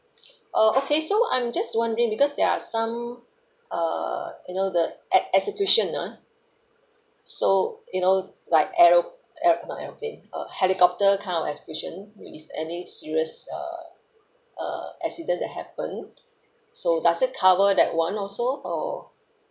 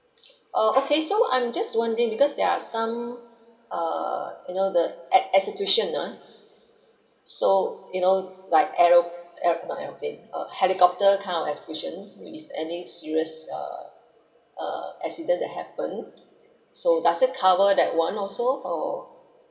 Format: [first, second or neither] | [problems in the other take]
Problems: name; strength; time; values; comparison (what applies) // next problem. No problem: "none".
first | room echo; dies away in 1.5 s